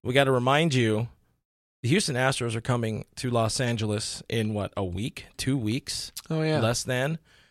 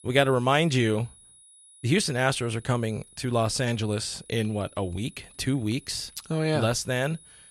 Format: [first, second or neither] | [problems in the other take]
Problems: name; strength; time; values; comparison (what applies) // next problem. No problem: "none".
first | high-pitched whine; faint; throughout; 10 kHz, 25 dB below the speech